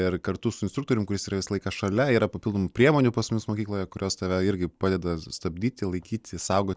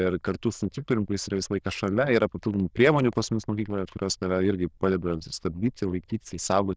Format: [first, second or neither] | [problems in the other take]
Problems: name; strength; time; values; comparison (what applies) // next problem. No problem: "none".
first | noise reduction (neural diffusion model UNIVERSE++)